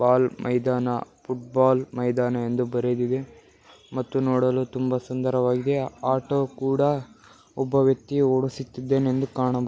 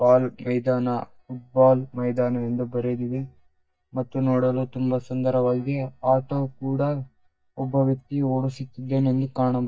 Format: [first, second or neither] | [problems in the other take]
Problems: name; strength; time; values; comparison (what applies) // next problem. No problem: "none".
first | noise reduction (neural mask model DeepFilterNet 3)